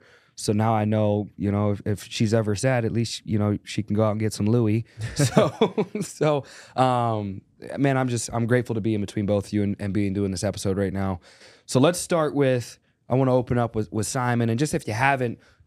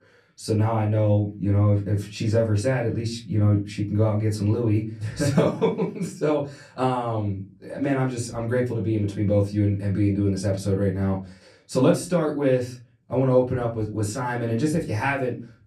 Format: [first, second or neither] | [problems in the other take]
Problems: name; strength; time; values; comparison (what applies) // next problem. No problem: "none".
first | off-mic speech; far // room echo; very slight; dies away in 0.3 s